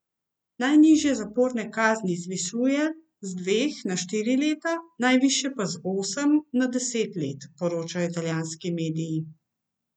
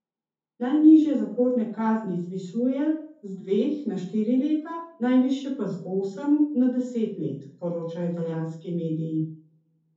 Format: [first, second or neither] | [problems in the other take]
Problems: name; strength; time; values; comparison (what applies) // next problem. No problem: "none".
first | room echo; dies away in 0.5 s